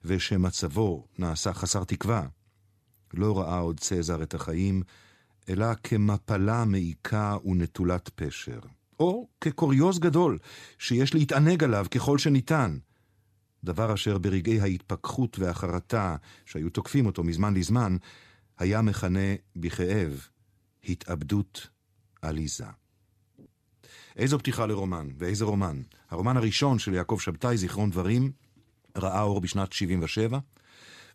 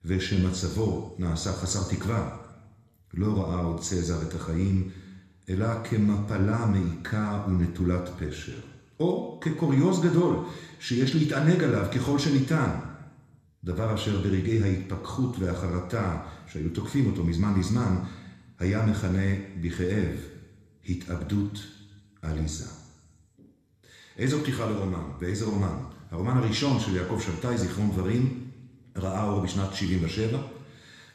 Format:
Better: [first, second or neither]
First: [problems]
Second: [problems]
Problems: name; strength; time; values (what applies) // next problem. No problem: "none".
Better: first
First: none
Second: room echo; slight; dies away in 1 s